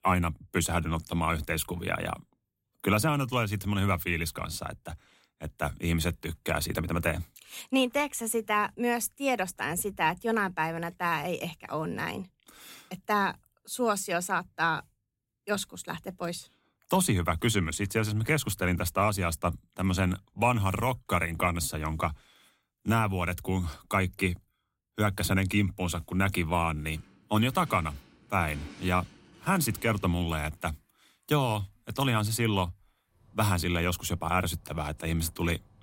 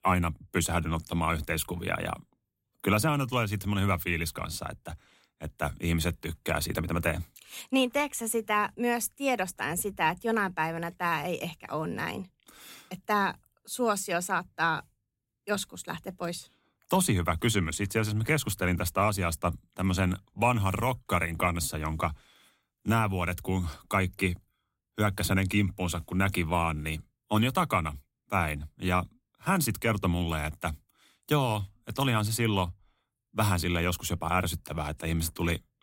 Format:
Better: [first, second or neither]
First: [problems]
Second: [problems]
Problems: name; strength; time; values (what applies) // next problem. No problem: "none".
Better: second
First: traffic noise; faint; from 27 s on; 25 dB below the speech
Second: none